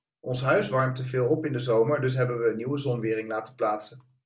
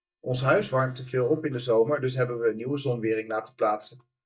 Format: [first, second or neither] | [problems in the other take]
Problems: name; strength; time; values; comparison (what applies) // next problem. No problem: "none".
first | noise reduction (neural mask model DeepFilterNet 3)